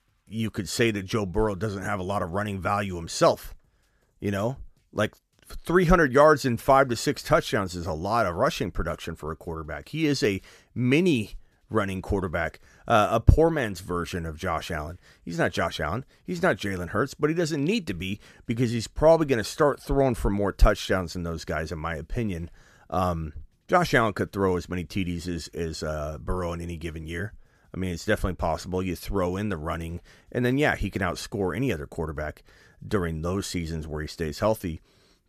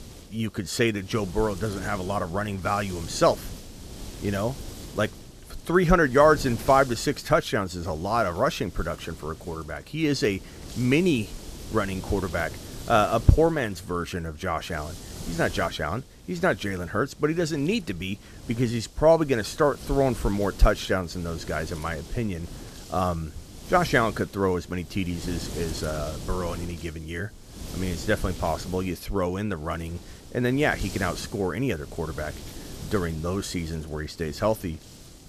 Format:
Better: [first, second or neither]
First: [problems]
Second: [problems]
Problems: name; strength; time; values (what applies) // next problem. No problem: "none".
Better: first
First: none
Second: wind noise on the microphone; occasional gusts; 20 dB below the speech